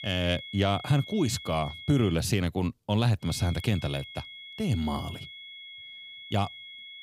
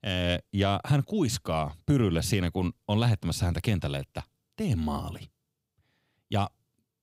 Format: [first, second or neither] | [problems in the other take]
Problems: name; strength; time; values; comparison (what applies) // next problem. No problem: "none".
second | high-pitched whine; noticeable; until 2 s and from 3 s on; 3.5 kHz, 15 dB below the speech